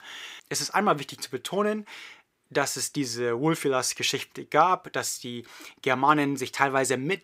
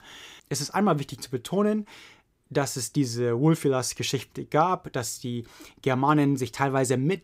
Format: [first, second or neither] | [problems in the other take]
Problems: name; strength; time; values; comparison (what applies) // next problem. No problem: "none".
second | thin; somewhat; fading below 450 Hz